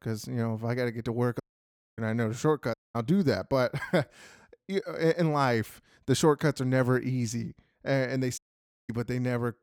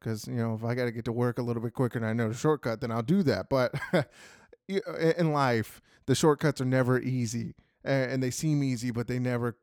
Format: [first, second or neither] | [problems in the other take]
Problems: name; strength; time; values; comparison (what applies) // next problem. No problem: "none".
second | audio cutting out; at 1.5 s for 0.5 s, at 2.5 s and at 8.5 s for 0.5 s